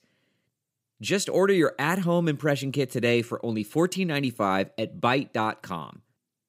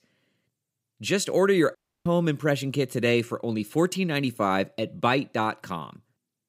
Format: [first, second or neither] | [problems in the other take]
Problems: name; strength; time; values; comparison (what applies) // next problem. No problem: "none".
first | audio cutting out; at 2 s